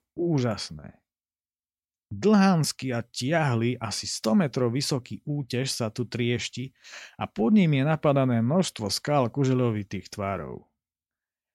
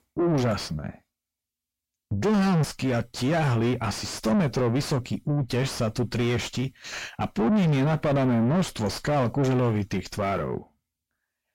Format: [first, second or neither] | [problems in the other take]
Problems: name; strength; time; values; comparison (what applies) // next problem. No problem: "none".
first | distortion; heavy; 3 dB below the speech